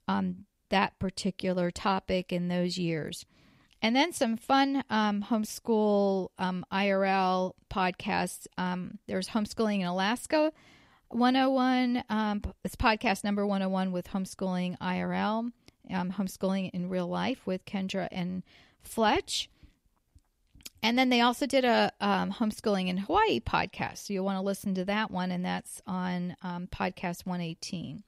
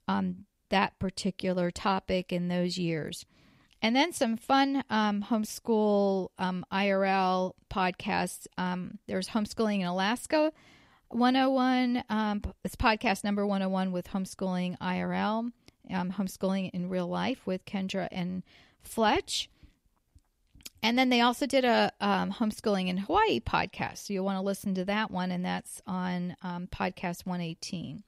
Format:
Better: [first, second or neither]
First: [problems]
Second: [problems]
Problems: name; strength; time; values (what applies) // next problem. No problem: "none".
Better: neither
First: none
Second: none